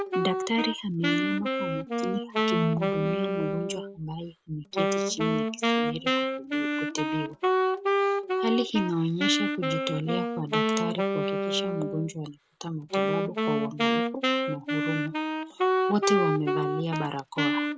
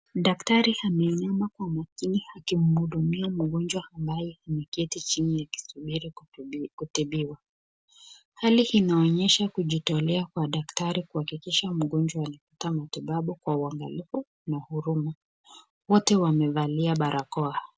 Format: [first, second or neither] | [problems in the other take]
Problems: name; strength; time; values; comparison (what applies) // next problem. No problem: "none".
second | background sound (Wind instrument, woodwind instrument); 4 dB above the speech